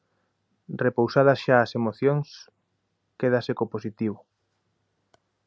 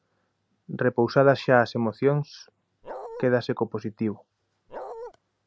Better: first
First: none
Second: background sound (Bark); 12 dB below the speech

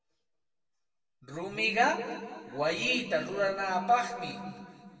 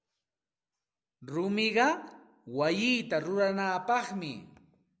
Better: second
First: room echo; dies away in 2 s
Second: none

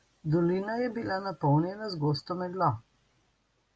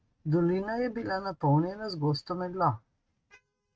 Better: first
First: none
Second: noise reduction (neural mask model RNNoise)

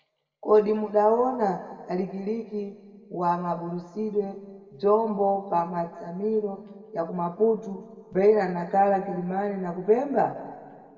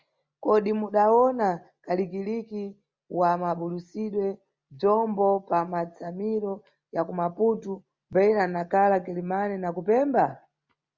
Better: second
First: room echo; dies away in 1.9 s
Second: none

